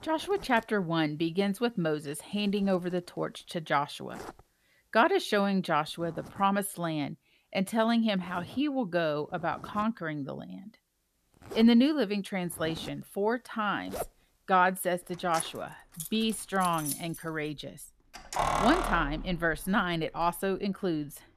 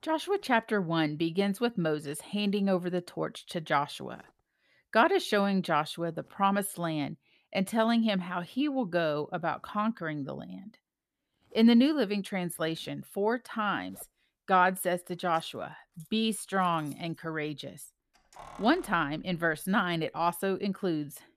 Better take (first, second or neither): second